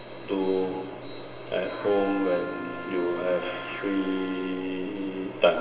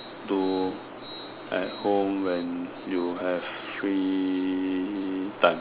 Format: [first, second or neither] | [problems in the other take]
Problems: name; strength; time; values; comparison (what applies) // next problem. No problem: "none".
second | background sound (Trumpet); 12 dB below the speech // room echo; dies away in 2.3 s